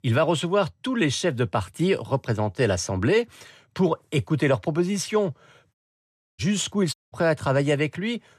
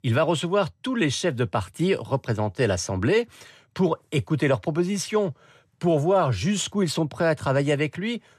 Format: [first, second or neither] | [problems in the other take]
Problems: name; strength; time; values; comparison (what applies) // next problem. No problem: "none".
second | audio cutting out; at 5.5 s for 0.5 s and at 7 s